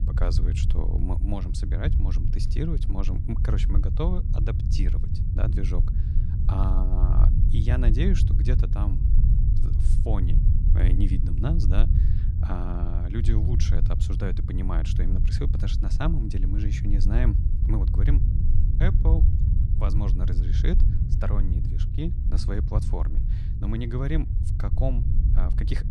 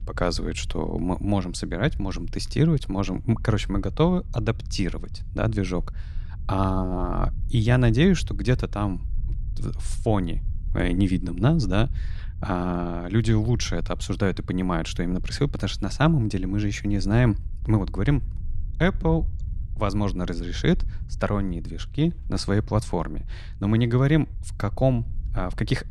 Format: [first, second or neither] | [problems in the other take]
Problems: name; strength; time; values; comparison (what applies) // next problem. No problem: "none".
second | low rumble; loud; throughout; 4 dB below the speech; faint in the second